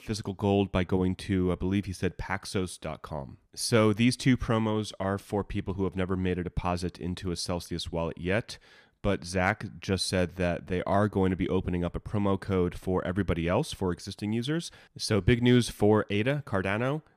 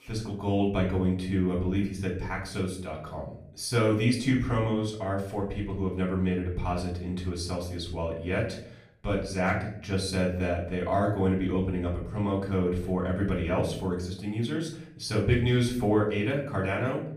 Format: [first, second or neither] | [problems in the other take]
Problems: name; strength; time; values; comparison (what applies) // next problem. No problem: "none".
first | off-mic speech; far // room echo; slight; dies away in 0.5 s